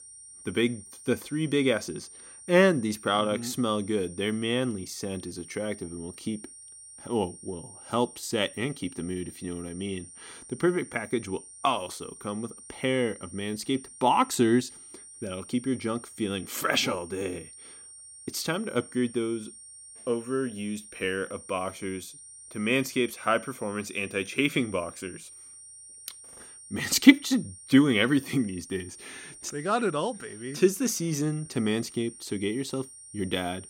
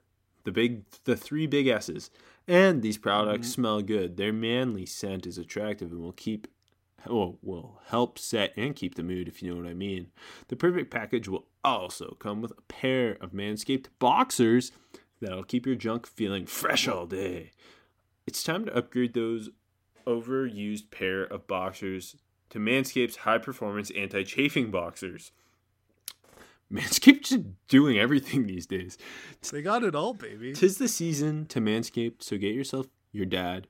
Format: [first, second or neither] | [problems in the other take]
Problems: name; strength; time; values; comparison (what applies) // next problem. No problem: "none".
second | high-pitched whine; noticeable; throughout; 9 kHz, 15 dB below the speech